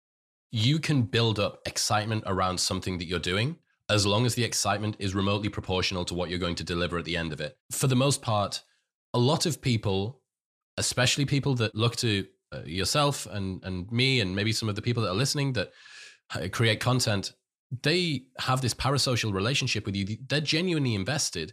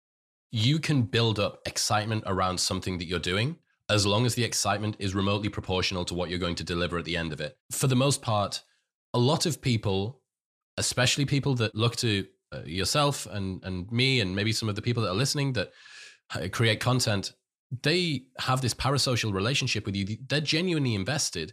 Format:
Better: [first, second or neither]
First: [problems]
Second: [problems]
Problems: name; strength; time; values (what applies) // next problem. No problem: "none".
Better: neither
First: none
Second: none